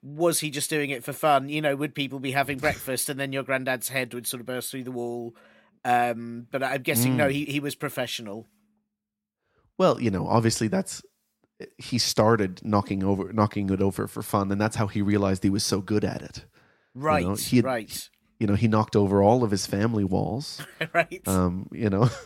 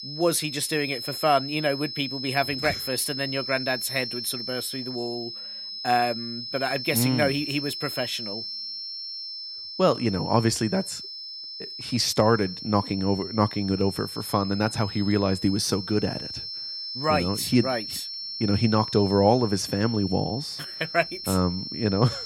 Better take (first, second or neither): first